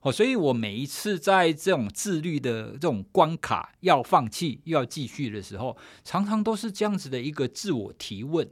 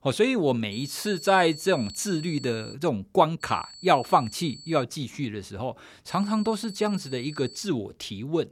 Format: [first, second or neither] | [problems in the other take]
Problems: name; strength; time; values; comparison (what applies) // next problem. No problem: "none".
first | high-pitched whine; noticeable; from 0.5 to 2.5 s, from 3.5 to 5 s and from 6 to 7.5 s; 4.5 kHz, 15 dB below the speech